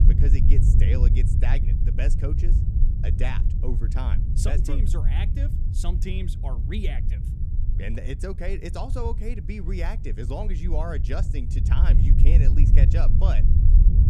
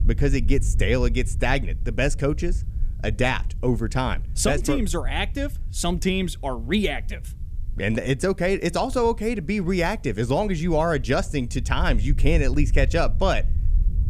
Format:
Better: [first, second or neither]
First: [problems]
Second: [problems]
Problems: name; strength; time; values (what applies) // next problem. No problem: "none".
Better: second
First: low rumble; loud; throughout; 4 dB below the speech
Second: low rumble; faint; throughout; 25 dB below the speech